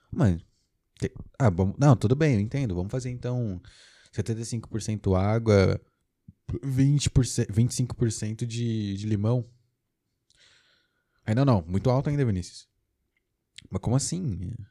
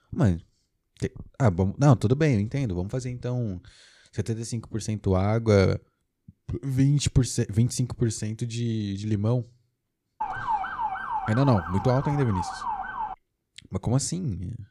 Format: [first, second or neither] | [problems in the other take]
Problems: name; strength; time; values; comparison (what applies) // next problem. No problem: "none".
first | siren; noticeable; from 10 to 13 s; peak 2 dB below the speech